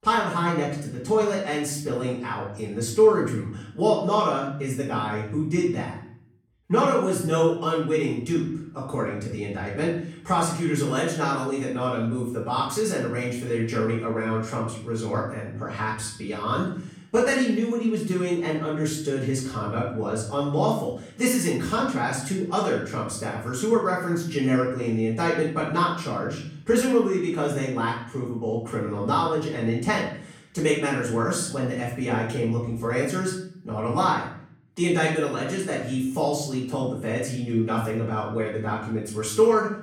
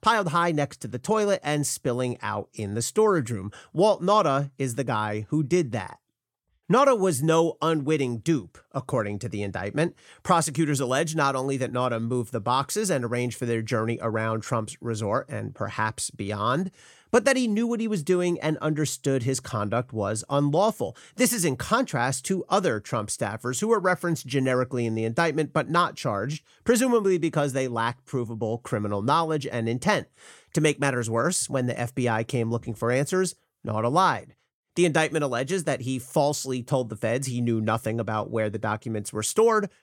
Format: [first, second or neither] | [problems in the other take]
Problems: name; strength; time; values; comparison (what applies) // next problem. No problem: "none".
second | room echo; noticeable; dies away in 0.6 s // off-mic speech; far